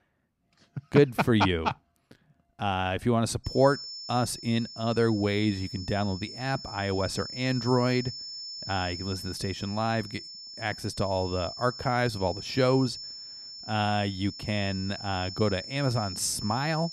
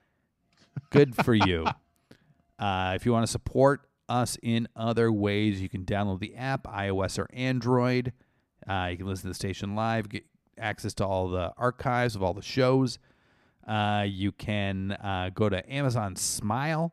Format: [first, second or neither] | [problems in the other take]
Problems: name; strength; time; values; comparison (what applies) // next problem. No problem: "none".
second | high-pitched whine; loud; from 3.5 s on; 5.5 kHz, 10 dB below the speech